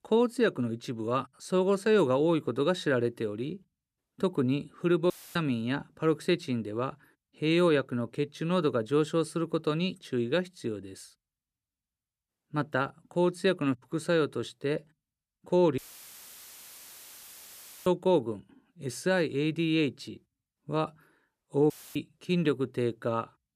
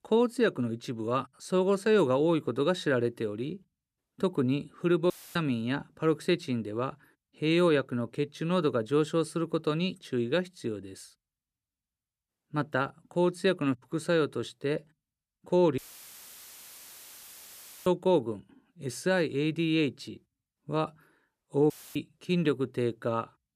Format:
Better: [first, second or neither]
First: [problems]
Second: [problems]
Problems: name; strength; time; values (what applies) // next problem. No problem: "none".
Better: neither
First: audio cutting out; filled with static; at 5 s, at 16 s for 2 s and at 22 s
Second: audio cutting out; filled with static; at 5 s, at 16 s for 2 s and at 22 s